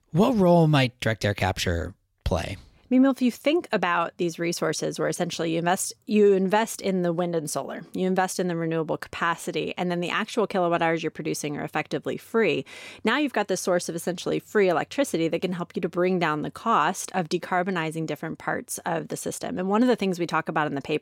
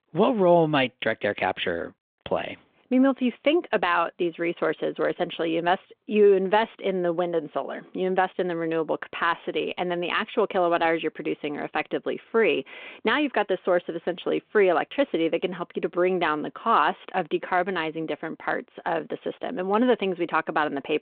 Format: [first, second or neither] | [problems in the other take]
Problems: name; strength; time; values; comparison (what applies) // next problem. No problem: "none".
first | phone-call audio